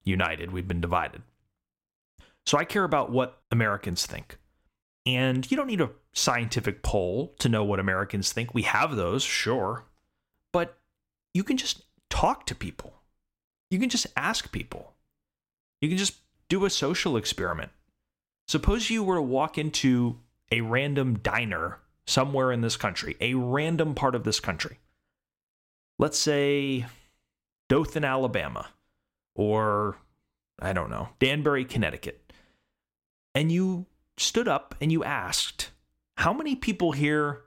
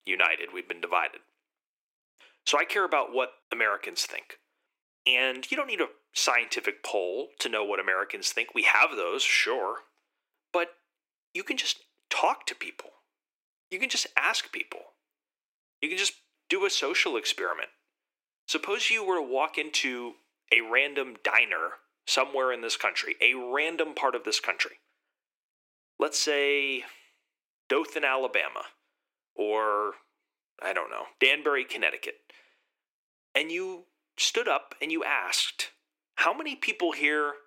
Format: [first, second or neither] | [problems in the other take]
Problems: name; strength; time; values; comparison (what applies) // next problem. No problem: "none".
first | thin; very; fading below 350 Hz